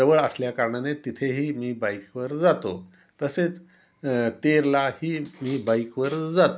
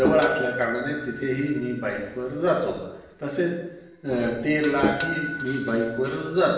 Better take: first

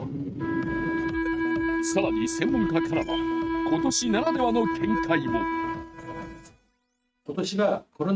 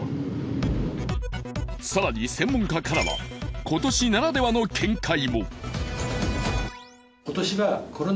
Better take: second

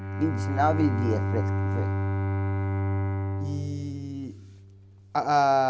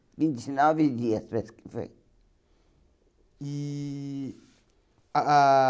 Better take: second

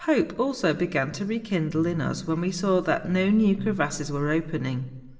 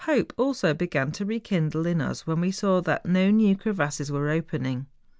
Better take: second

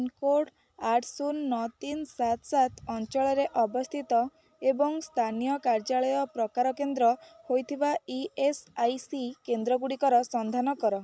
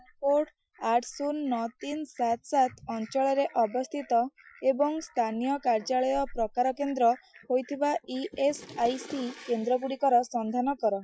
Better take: first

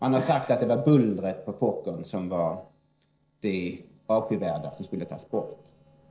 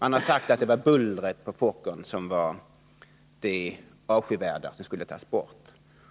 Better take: second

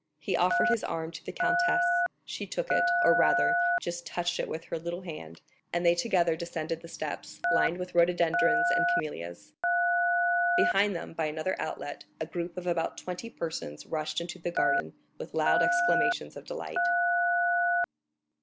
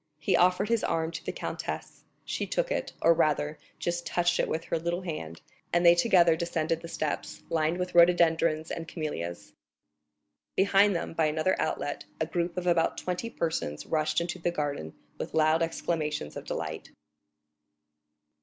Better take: second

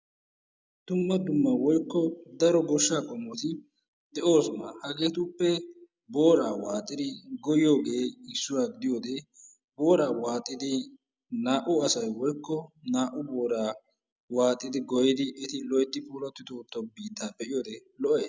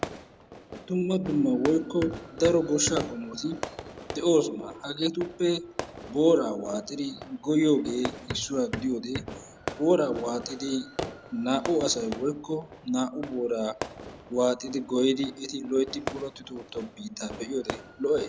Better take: first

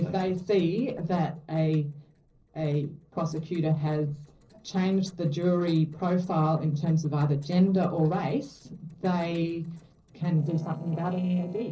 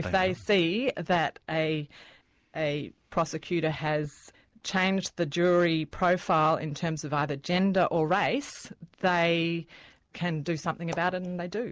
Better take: second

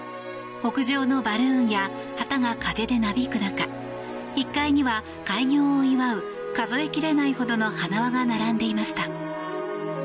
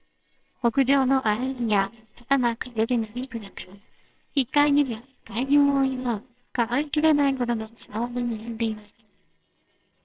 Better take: first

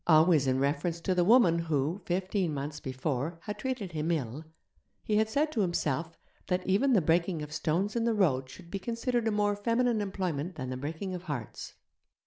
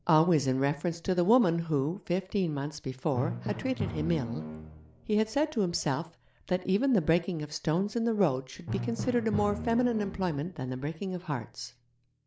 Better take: first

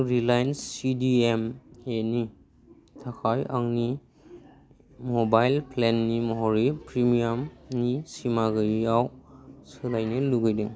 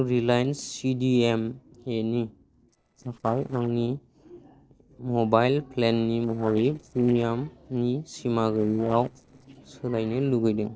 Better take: first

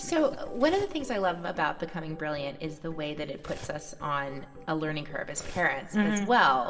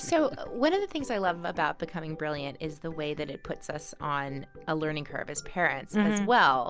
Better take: second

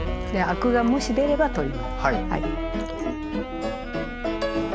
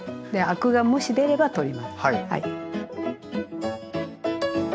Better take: second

